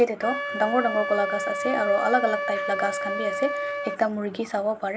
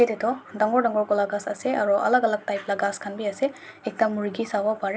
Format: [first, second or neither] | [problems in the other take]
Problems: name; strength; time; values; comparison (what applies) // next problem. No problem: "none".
second | background sound (Wind instrument, woodwind instrument); 4 dB below the speech